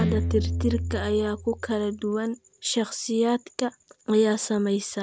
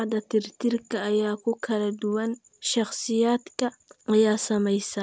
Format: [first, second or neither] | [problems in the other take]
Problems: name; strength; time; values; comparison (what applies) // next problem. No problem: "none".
second | background sound (Guitar); 6 dB below the speech